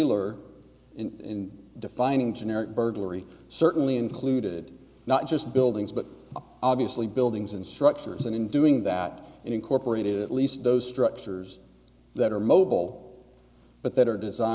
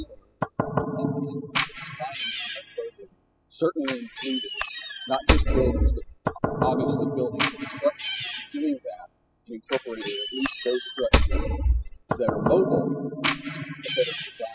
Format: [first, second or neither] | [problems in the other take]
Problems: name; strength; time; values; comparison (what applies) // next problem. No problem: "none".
first | noise reduction (classical method spectral subtraction)